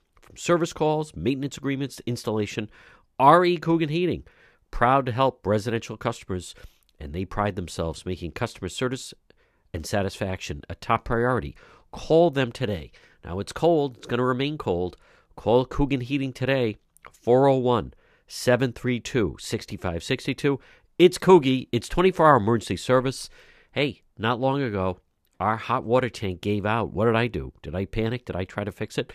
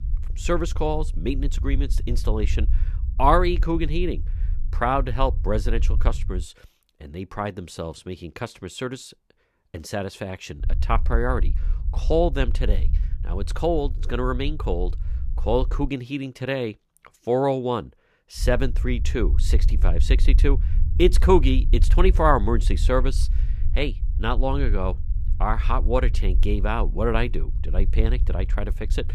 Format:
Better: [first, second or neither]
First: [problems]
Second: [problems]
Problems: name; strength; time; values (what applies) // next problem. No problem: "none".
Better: first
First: none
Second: low rumble; faint; until 6.5 s, from 11 to 16 s and from 18 s on; 20 dB below the speech